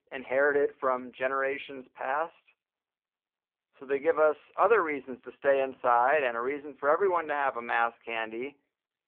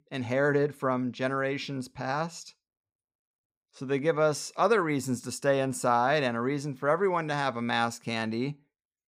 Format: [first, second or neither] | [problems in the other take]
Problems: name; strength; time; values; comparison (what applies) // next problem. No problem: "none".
second | phone-call audio; poor line